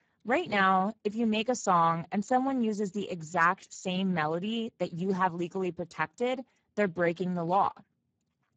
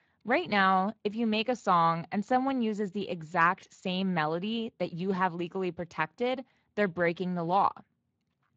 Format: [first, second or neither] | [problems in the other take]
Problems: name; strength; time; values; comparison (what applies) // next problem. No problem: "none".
second | garbled, watery; badly; nothing above 7.5 kHz; slightly in the second